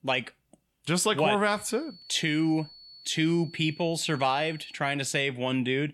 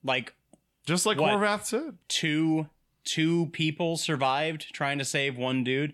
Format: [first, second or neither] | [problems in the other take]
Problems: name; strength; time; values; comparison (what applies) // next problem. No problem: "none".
second | high-pitched whine; faint; from 1.5 to 4.5 s; 4.5 kHz, 20 dB below the speech